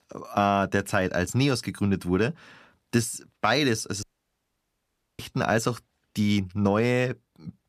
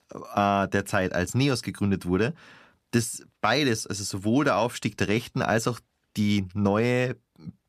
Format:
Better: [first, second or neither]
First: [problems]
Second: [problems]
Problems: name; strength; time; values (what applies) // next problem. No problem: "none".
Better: second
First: audio cutting out; at 4 s for 1 s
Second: none